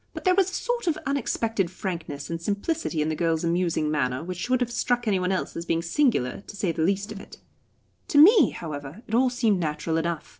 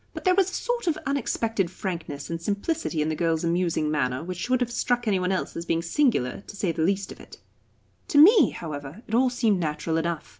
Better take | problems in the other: second | noise reduction (neural separator model SepFormer DNS4)

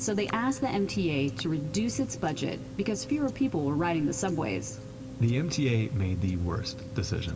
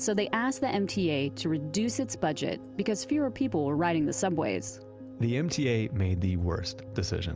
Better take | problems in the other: second | background sound (Tick-tock); 14 dB below the speech // room echo; dies away in 1.1 s

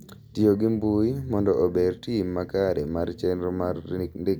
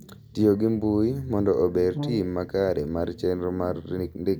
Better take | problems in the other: first | background sound (Brass instrument); 8 dB below the speech

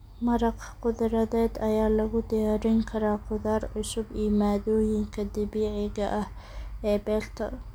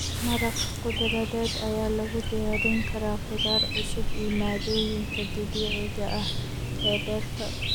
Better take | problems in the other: first | background sound (Chirp, tweet); 2 dB above the speech

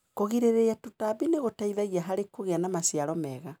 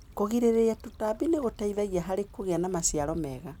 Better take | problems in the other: first | background sound (Stream / Trickle, dribble / Traffic noise, roadway noise); 18 dB below the speech

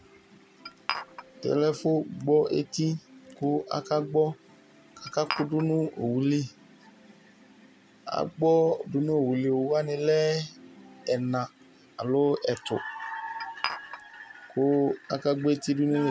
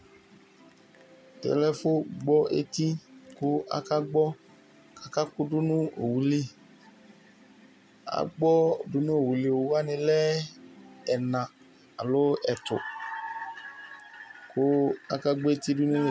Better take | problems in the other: second | background sound (Glass); 10 dB below the speech

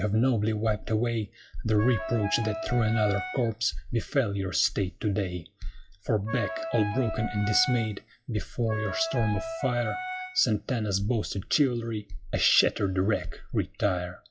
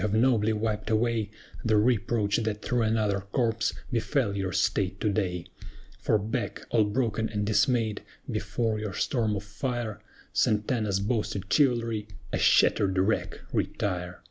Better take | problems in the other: second | noise reduction (classical method WPE with log-MMSE)

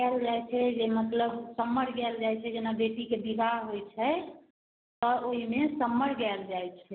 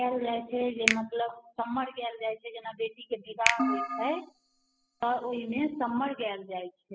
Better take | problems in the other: first | noise reduction (classical method spectral subtraction)

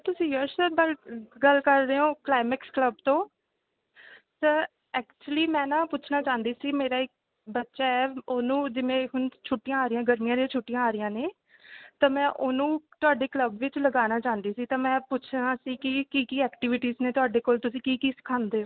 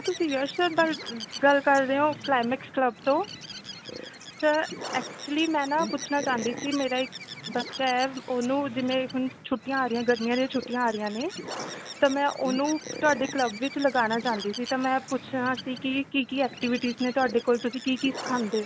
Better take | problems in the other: first | background sound (Bird); 12 dB below the speech

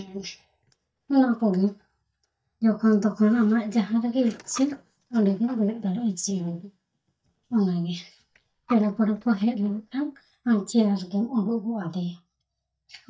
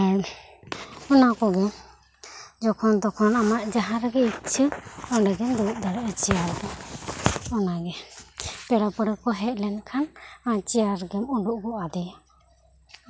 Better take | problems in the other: second | noise reduction (neural mask model DeepFilterNet 3)

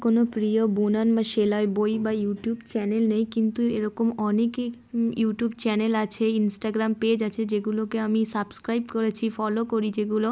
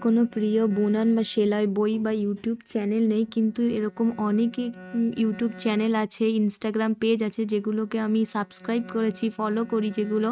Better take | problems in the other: first | noise reduction (neural mask model RNNoise)

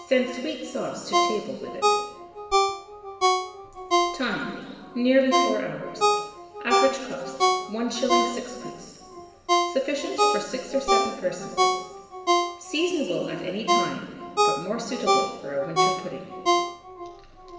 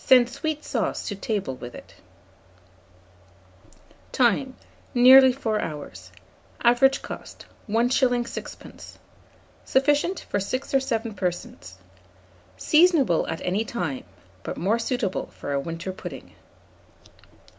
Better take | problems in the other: second | background sound (Ringtone); 3 dB above the speech // room echo; dies away in 1.6 s

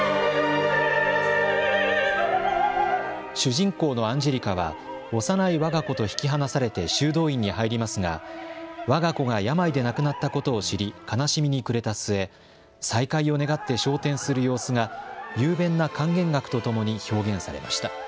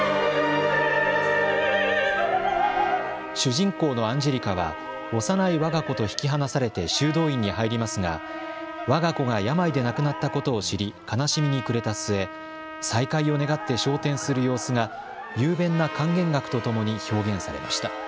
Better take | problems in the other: first | background sound (Trumpet); 13 dB below the speech

